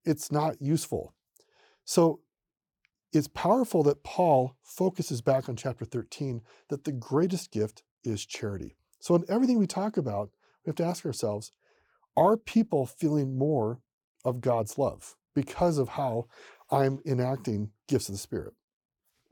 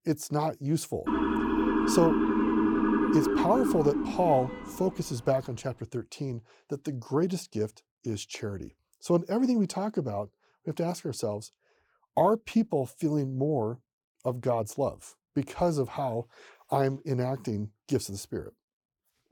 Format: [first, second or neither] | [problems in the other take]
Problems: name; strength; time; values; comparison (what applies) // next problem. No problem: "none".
first | siren; loud; from 1 to 5 s; peak 5 dB above the speech